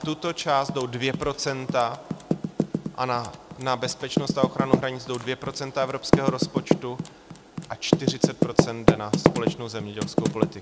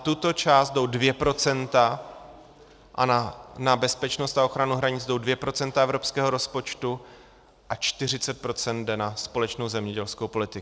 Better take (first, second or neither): second